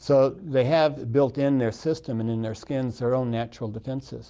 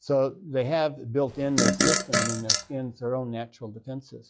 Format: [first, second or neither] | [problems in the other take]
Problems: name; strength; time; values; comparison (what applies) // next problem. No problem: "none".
first | noise reduction (classical method log-MMSE)